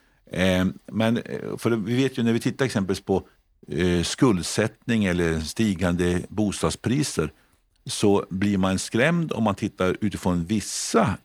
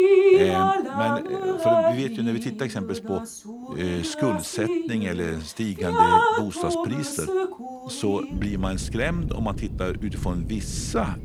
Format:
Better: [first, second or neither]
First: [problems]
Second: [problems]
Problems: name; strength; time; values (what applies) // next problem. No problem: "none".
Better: first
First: none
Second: rain or running water; very loud; throughout; 4 dB above the speech